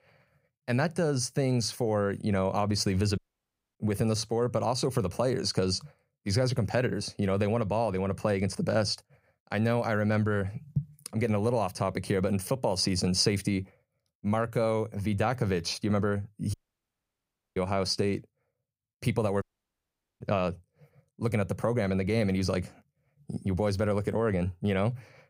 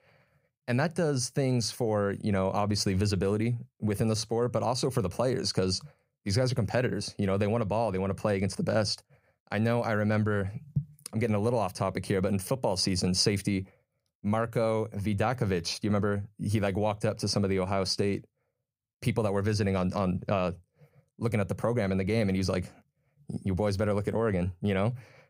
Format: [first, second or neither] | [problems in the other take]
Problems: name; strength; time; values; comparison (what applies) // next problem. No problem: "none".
second | audio cutting out; at 3 s for 0.5 s, at 17 s for 1 s and at 19 s for 1 s